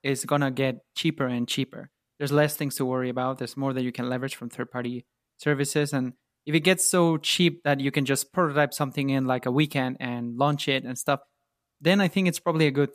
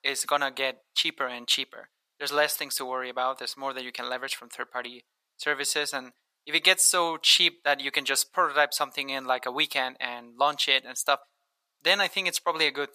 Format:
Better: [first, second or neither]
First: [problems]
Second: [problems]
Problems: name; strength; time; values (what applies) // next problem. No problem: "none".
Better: first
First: none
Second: thin; very; fading below 850 Hz